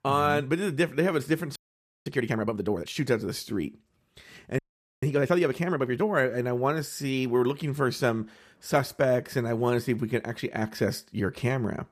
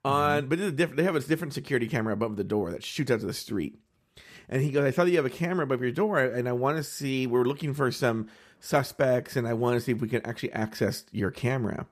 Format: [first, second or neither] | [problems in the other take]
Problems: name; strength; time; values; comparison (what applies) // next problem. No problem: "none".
second | audio freezing; at 1.5 s for 0.5 s and at 4.5 s